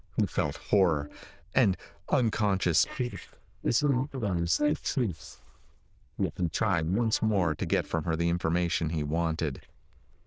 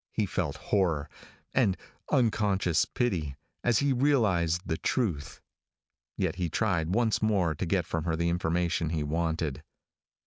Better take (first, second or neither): second